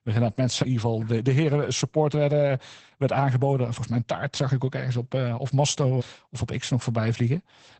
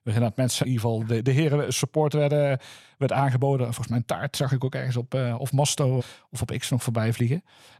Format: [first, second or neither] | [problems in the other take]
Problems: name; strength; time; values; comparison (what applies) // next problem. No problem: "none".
second | garbled, watery; badly; nothing above 8 kHz